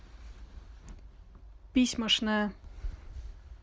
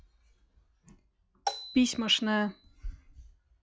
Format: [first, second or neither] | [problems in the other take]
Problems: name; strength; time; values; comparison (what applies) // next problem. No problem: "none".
first | noise reduction (classical method log-MMSE)